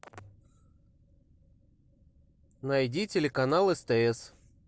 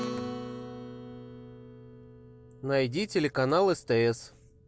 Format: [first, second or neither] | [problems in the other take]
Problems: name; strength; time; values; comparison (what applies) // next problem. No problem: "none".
first | background sound (Acoustic guitar); 11 dB below the speech